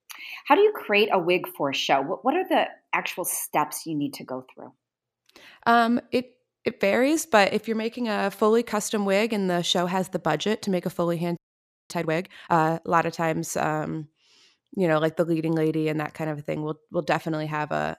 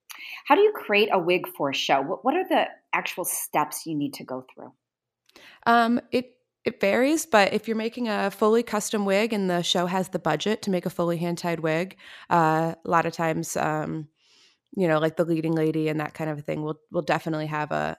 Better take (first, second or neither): second